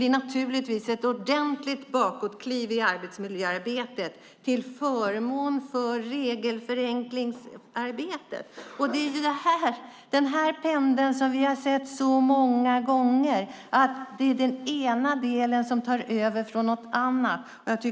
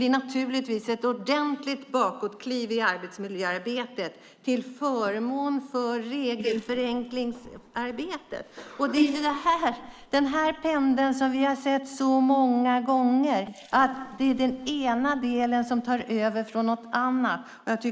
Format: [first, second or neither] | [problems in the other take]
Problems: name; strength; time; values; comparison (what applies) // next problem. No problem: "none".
first | noise reduction (neural mask model Resemble Enhance denoiser)